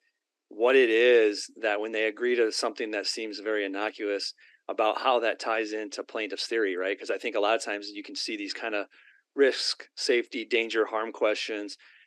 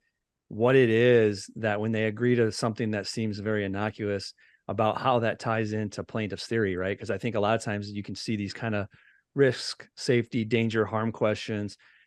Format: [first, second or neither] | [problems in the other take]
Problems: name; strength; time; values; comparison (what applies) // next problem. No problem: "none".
second | thin; somewhat; fading below 300 Hz